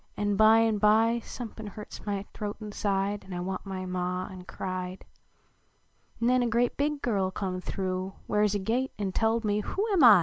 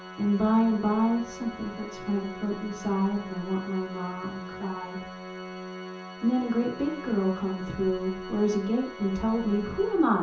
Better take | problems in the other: first | background sound (Organ); 12 dB below the speech // room echo; dies away in 0.6 s

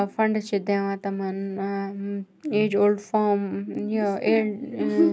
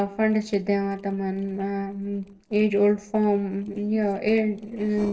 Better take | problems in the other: first | noise reduction (neural separator model SepFormer DNS4)

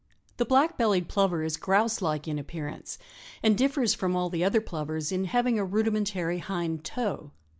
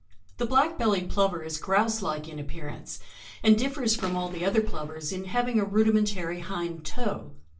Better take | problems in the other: first | background sound (Gunshot, gunfire); 19 dB below the speech // room echo; dies away in 0.2 s

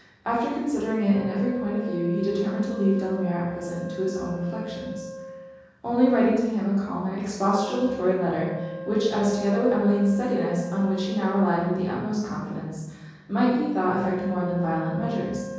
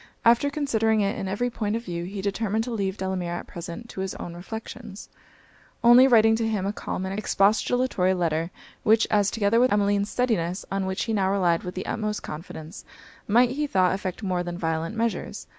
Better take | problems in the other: second | background sound (Wind instrument, woodwind instrument); 14 dB below the speech // room echo; dies away in 1.3 s

